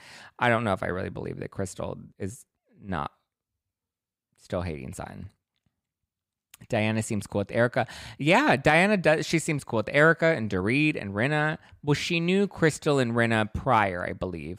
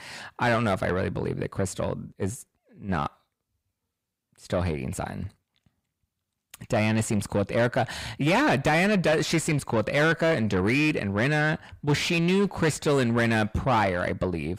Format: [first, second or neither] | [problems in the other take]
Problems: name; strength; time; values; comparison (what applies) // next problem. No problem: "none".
first | distortion; heavy; 7 dB below the speech